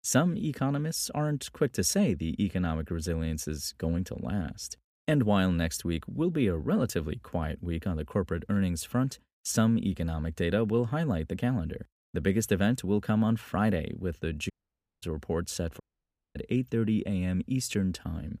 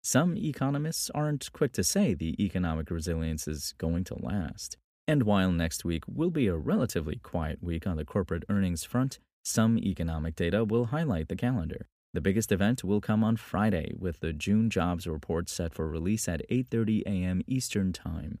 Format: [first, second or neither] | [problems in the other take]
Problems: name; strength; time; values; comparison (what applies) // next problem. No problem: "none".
second | audio cutting out; at 15 s for 0.5 s and at 16 s for 0.5 s